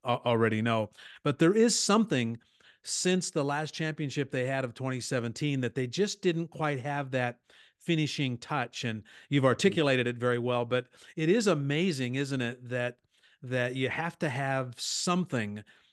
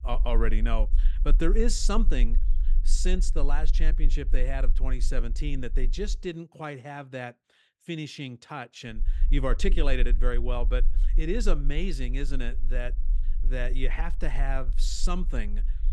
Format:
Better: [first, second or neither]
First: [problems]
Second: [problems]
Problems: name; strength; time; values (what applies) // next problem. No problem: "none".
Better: first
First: none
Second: low rumble; faint; until 6 s and from 9 s on; 20 dB below the speech